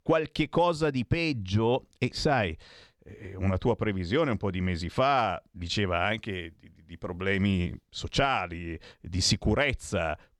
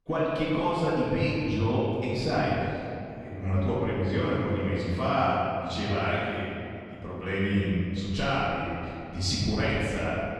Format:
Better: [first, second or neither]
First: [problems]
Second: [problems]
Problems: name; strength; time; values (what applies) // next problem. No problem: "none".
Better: first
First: none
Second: off-mic speech; far // room echo; strong; dies away in 2.5 s